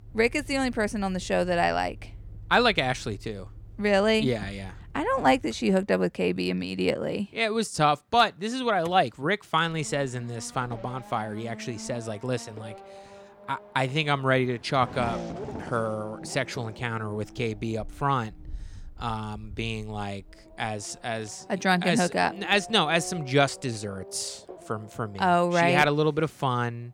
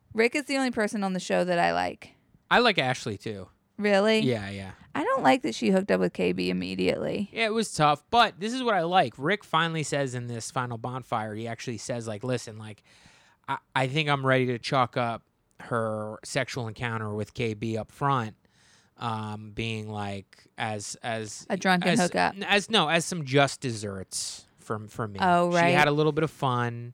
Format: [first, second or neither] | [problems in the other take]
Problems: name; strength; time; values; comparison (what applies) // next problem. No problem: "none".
second | traffic noise; noticeable; throughout; 20 dB below the speech